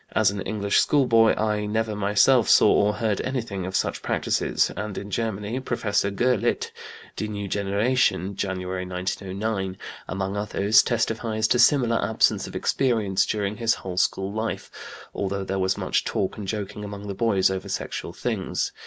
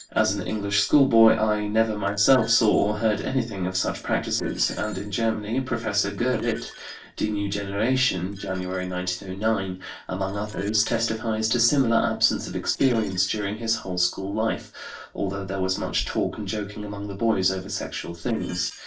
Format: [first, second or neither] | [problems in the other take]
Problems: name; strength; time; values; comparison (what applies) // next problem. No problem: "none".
first | noise reduction (neural separator model SepFormer DNS4)